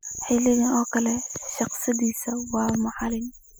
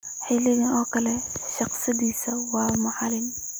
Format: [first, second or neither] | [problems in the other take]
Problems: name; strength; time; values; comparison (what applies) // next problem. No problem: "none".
second | noise reduction (classical method spectral subtraction)